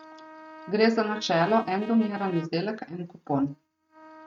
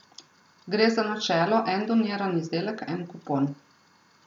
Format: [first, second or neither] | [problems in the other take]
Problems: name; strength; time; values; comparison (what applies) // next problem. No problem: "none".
second | noise reduction (neural mask model RNNoise)